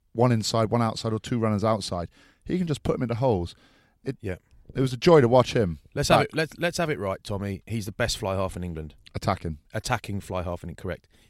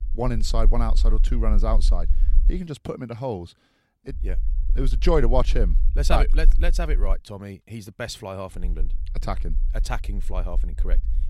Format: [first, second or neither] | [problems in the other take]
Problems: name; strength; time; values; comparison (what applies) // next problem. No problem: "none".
first | low rumble; faint; until 2.5 s, from 4 to 7 s and from 8.5 s on; 20 dB below the speech